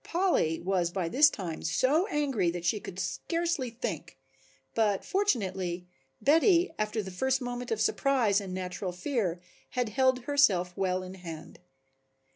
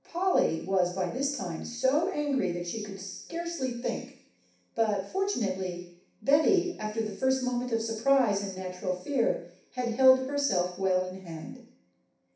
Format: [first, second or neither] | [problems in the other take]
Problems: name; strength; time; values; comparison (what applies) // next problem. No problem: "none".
first | room echo; dies away in 0.6 s